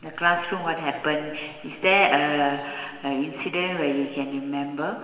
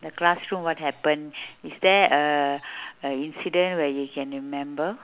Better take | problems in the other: second | room echo; dies away in 2.9 s

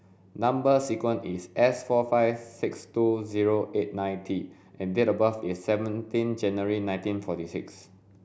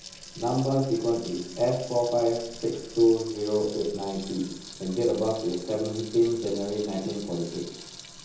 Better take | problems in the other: first | background sound (Sink (filling or washing) / Water tap, faucet); 16 dB below the speech // room echo; dies away in 0.7 s

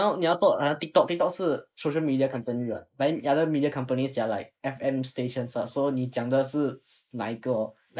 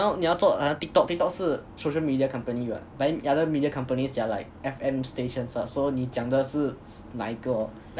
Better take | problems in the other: second | noise reduction (neural mask model Resemble Enhance denoiser)

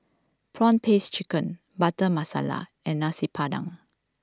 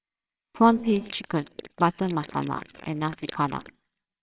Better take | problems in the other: first | noise reduction (neural separator model SepFormer WHAMR!)

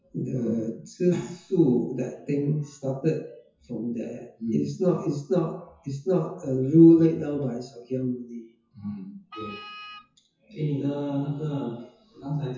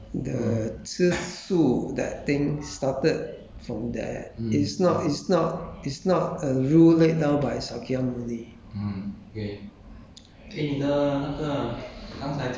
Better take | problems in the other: second | noise reduction (classical method WPE with log-MMSE)

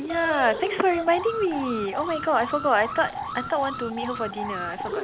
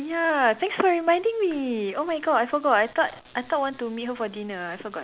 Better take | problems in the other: second | background sound (Alarm); 7 dB below the speech

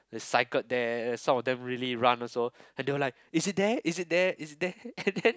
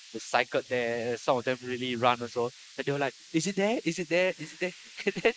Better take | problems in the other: first | noise reduction (neural mask model Resemble Enhance denoiser)

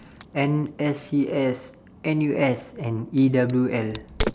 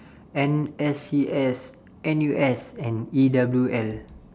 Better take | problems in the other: second | background sound (Crack); 12 dB below the speech

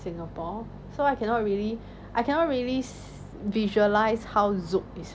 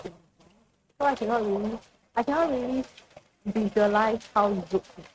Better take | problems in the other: first | noise reduction (neural mask model RNNoise)

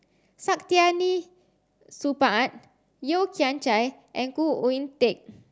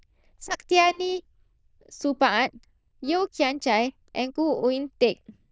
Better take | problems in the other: first | noise reduction (neural diffusion model UNIVERSE++)

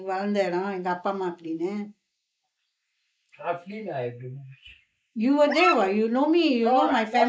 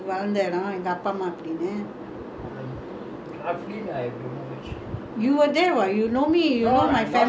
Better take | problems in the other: second | noise reduction (neural mask model Resemble Enhance denoiser)

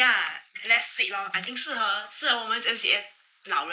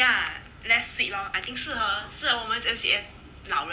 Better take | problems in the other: second | noise reduction (neural mask model Resemble Enhance denoiser)

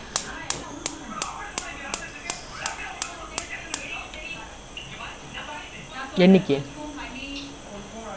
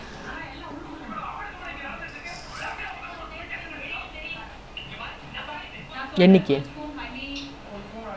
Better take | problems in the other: second | background sound (Fire); 10 dB below the speech

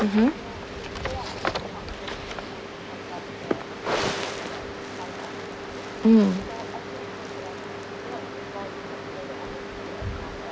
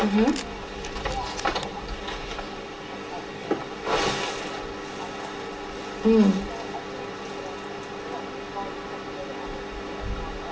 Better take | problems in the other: first | background sound (Camera); 14 dB below the speech // room echo; dies away in 0.3 s

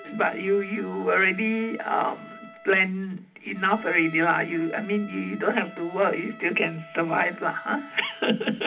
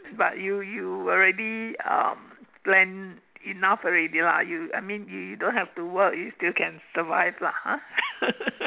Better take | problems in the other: second | background sound (Trumpet); 20 dB below the speech // room echo; dies away in 0.4 s

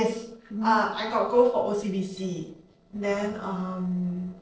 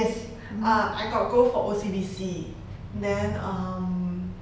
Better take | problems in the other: second | noise reduction (neural separator model SepFormer DNS4)

